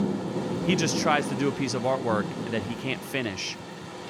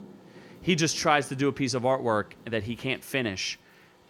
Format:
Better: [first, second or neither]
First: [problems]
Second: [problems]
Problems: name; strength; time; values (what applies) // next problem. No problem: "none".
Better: second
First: rain or running water; loud; throughout; 4 dB below the speech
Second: rain or running water; faint; throughout; 25 dB below the speech